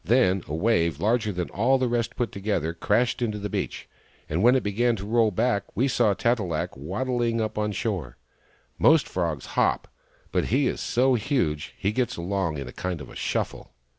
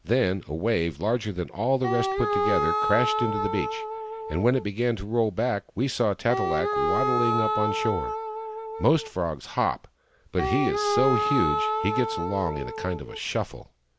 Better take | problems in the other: first | background sound (Wind instrument, woodwind instrument); 1 dB below the speech

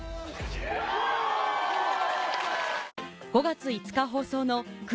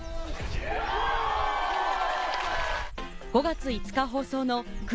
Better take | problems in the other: first | background sound (Bird / Dog); 7 dB below the speech

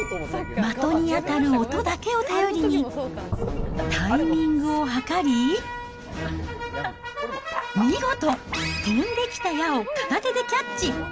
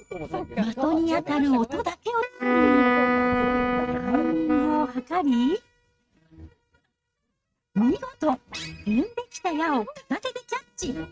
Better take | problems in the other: first | noise reduction (neural mask model RNNoise)

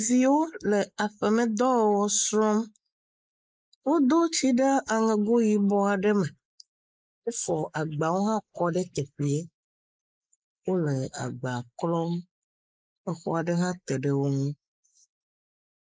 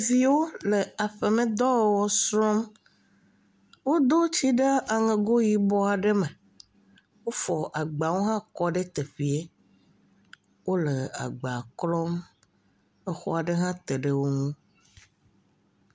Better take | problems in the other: second | noise reduction (neural mask model Resemble Enhance denoiser)

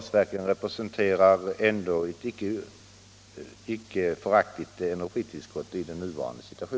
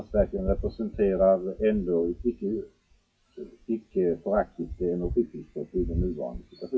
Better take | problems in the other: first | noise reduction (classical method WPE with log-MMSE)

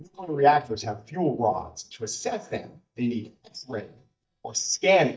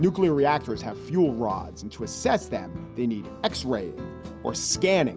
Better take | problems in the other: second | noise reduction (neural mask model DeepFilterNet 3)

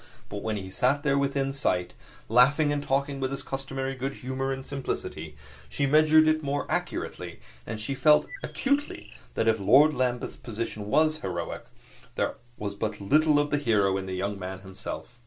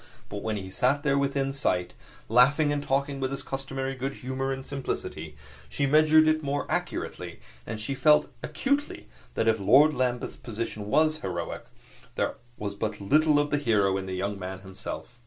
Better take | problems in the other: second | background sound (Bird); 20 dB below the speech

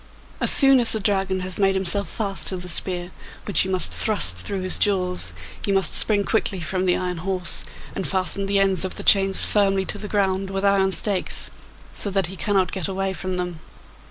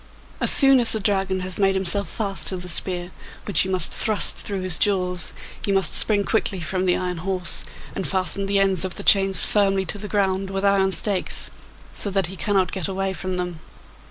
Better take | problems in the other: second | background sound (Livestock, farm animals, working animals); 19 dB below the speech

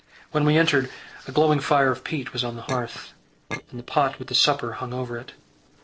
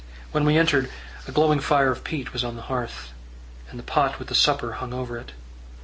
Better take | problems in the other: second | noise reduction (neural separator model SepFormer DNS4)

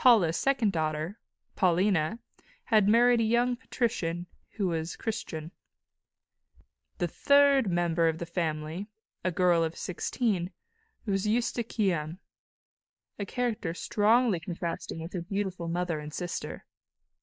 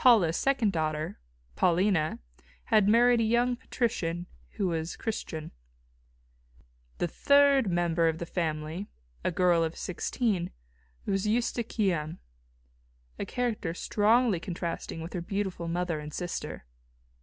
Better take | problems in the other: second | noise reduction (neural mask model Resemble Enhance denoiser)

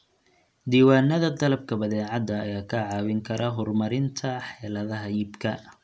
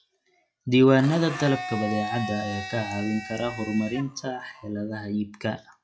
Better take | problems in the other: first | noise reduction (classical method log-MMSE)

